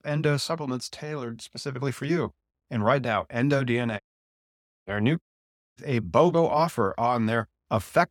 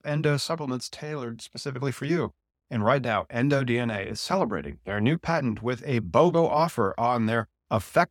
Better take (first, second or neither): second